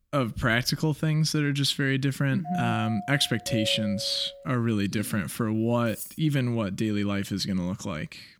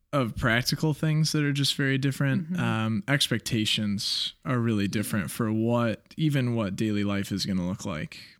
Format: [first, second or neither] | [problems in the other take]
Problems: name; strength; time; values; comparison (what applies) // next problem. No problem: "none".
second | doorbell; noticeable; from 2.5 to 4.5 s; peak 7 dB below the speech // clattering dishes; faint; at 6 s; peak 10 dB below the speech